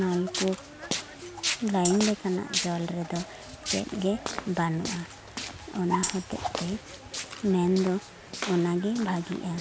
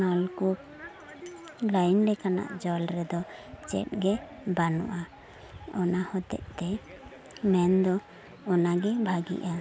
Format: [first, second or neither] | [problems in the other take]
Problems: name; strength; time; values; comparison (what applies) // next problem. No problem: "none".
second | background sound (Tambourine + Walk, footsteps); 7 dB below the speech